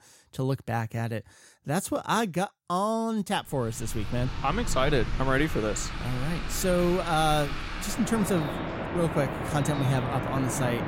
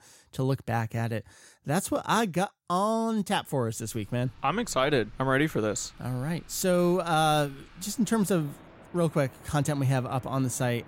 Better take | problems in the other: second | rain or running water; loud; from 3.5 s on; 5 dB below the speech; faint in the second

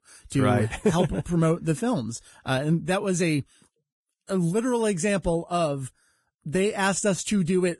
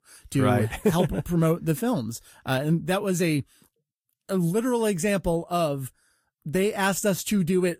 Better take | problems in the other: second | garbled, watery; badly; nothing above 10.5 kHz; slightly in the second

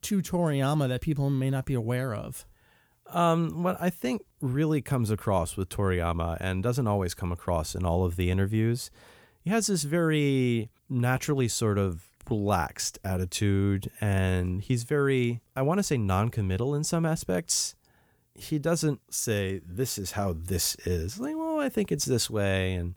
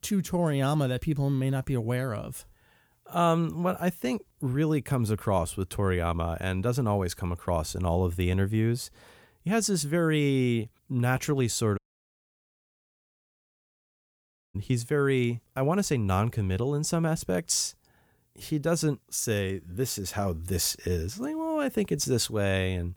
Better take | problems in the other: first | audio cutting out; at 12 s for 3 s

